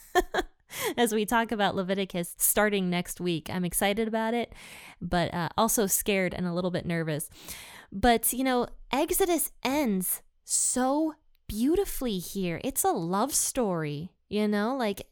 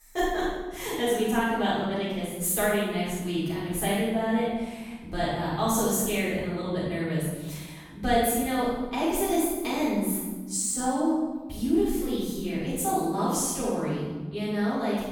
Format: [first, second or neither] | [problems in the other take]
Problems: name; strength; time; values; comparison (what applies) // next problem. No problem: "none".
first | off-mic speech; far // room echo; strong; dies away in 1.3 s